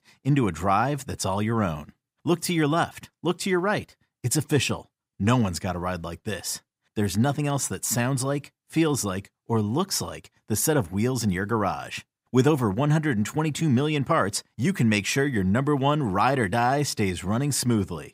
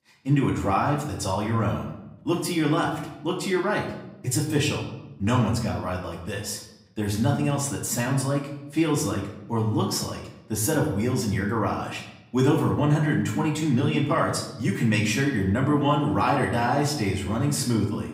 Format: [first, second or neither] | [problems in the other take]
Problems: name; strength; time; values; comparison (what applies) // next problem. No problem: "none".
first | room echo; slight; dies away in 0.7 s // off-mic speech; far